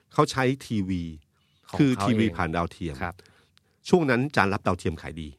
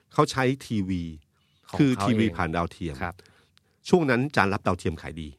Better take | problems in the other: neither | none

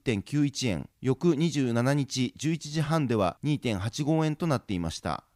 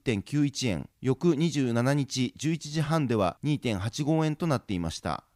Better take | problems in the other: neither | none

